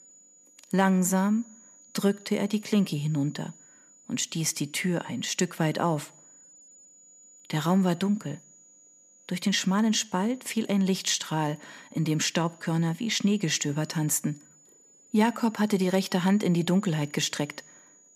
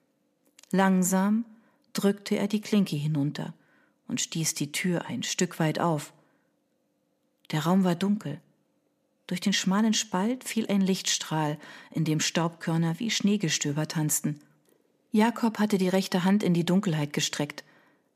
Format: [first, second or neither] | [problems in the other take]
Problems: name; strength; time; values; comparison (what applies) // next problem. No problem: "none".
second | high-pitched whine; faint; throughout; 7 kHz, 25 dB below the speech